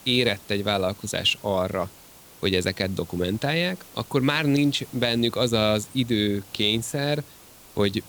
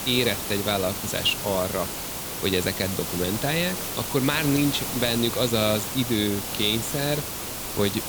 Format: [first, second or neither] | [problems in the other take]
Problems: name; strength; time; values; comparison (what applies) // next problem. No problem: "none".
first | hiss; loud; throughout; 4 dB below the speech; faint in the first